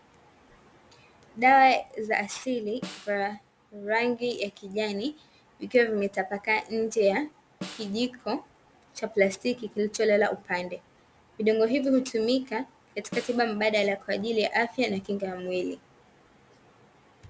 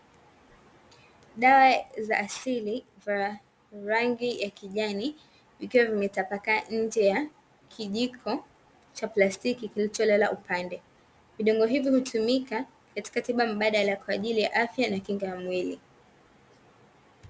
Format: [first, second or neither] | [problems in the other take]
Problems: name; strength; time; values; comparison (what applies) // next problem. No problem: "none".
second | background sound (Snare drum); 18 dB below the speech